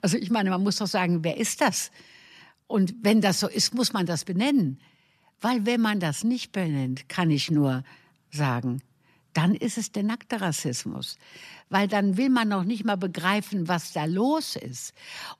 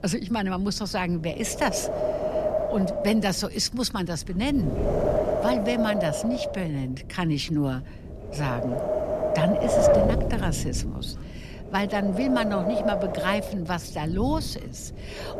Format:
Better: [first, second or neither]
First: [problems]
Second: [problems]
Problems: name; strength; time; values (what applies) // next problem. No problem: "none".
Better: first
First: none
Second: wind noise on the microphone; heavy; 4 dB above the speech